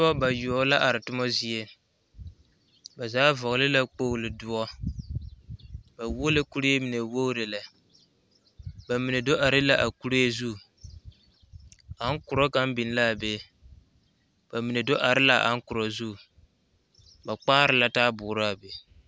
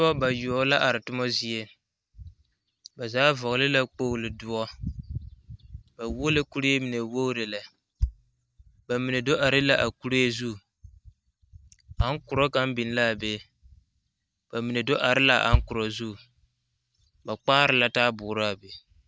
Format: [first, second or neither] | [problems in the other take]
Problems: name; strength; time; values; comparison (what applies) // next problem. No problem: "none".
first | noise reduction (neural mask model DeepFilterNet 3)